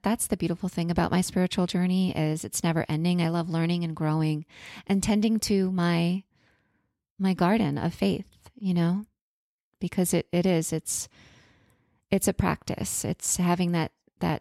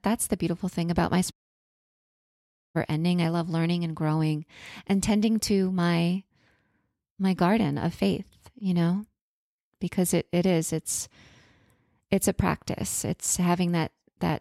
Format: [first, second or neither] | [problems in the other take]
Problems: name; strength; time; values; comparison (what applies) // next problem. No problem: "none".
first | audio cutting out; at 1.5 s for 1.5 s